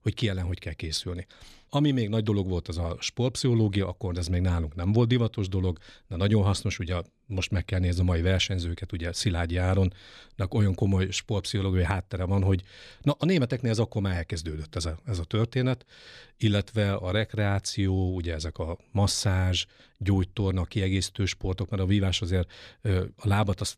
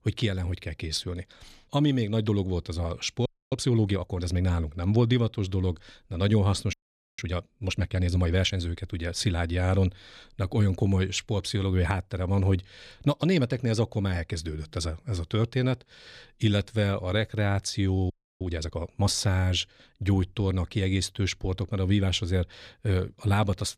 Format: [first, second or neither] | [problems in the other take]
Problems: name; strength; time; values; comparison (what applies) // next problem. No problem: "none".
first | audio freezing; at 3.5 s, at 6.5 s and at 18 s